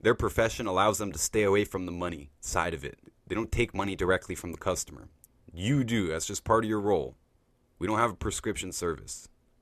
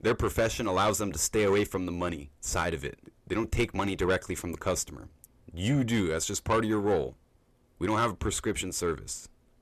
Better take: first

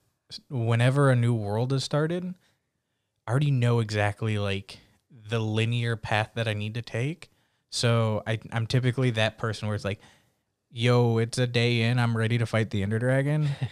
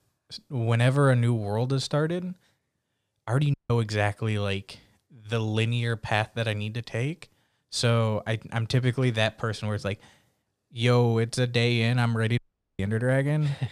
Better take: first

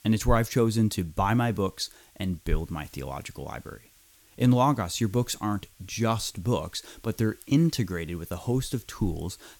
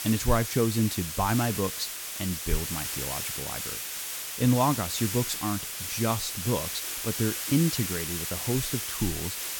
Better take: first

